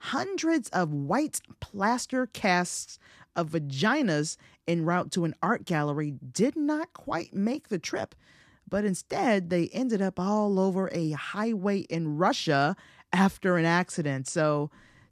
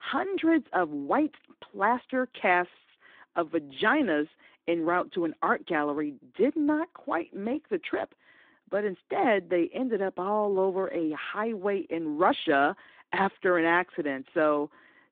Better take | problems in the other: first | phone-call audio

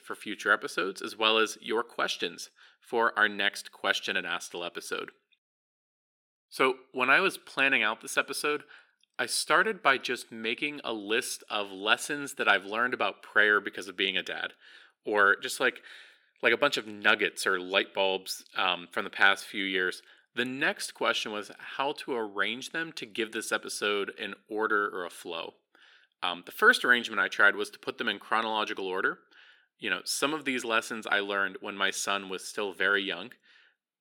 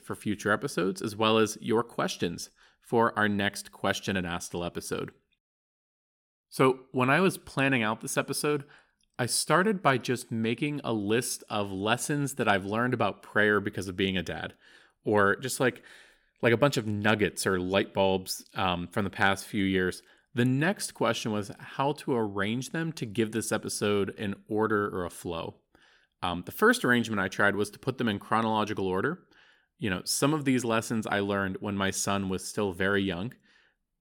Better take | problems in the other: second | thin; somewhat; fading below 400 Hz

